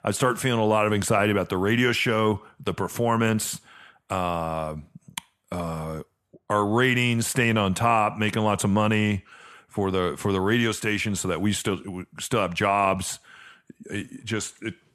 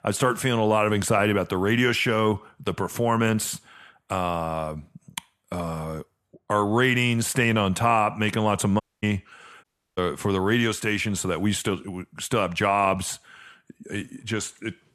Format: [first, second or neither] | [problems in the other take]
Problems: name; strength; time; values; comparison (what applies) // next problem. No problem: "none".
first | audio cutting out; at 9 s and at 9.5 s